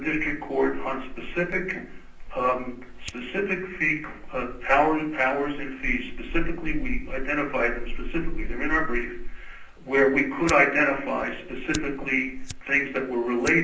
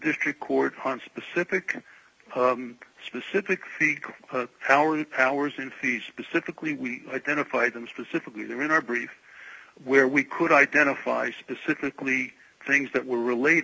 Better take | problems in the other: second | background sound (Fire); 6 dB below the speech // room echo; dies away in 0.6 s

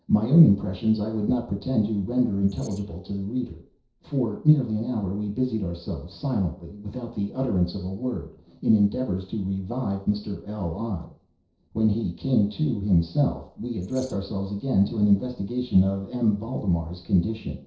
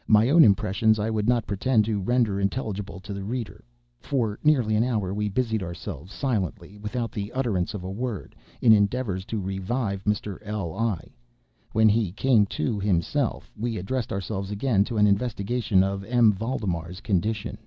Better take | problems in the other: second | noise reduction (neural separator model SepFormer DNS4)

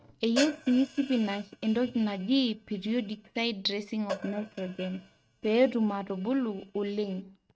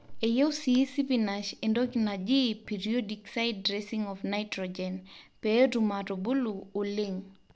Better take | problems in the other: second | noise reduction (neural mask model RNNoise)

